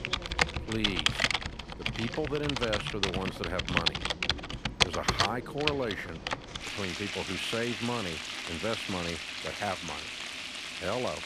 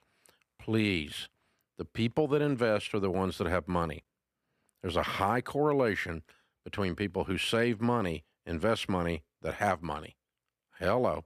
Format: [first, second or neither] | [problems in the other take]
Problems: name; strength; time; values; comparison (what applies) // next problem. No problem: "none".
second | household noises; very loud; throughout; 3 dB above the speech